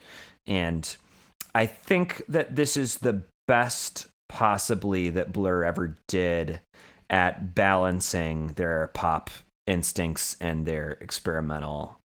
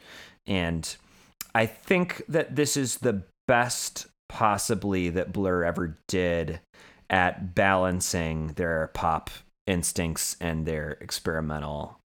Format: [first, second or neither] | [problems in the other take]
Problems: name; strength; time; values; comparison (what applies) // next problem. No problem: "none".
second | garbled, watery; slightly